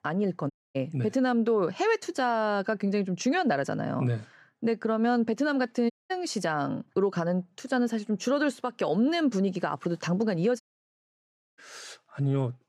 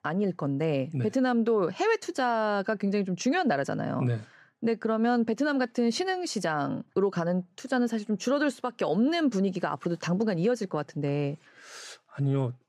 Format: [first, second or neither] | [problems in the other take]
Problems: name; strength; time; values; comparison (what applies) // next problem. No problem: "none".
second | audio cutting out; at 0.5 s, at 6 s and at 11 s for 1 s